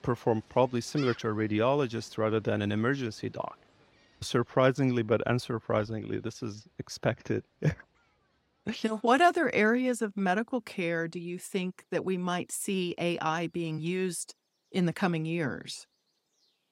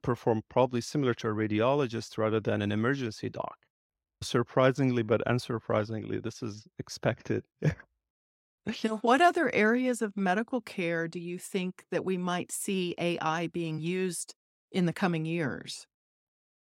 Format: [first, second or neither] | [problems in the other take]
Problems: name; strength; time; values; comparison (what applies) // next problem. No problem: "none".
second | animal sounds; faint; throughout; 25 dB below the speech